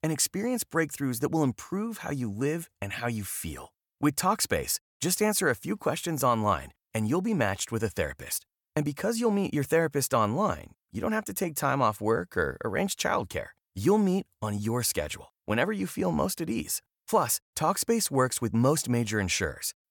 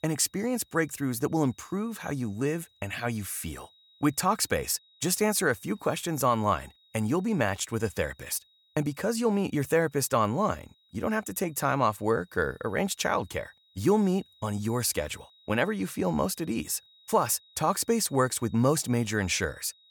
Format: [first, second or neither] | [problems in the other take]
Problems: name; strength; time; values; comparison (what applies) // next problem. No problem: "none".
first | high-pitched whine; faint; throughout; 4 kHz, 30 dB below the speech